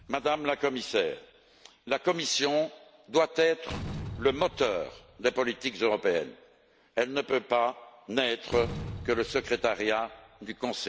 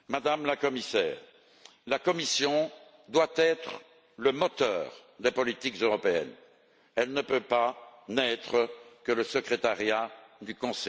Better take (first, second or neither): second